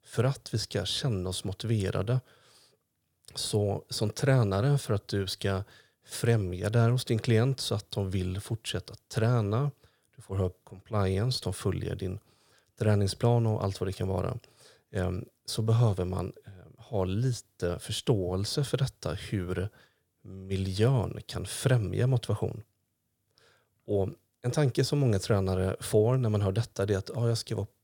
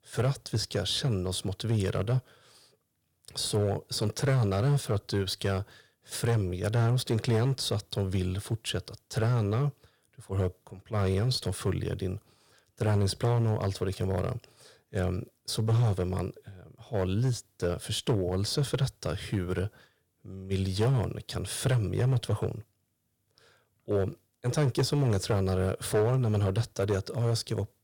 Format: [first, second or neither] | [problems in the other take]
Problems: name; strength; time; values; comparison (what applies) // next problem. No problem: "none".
first | distortion; slight; 5% of the sound clipped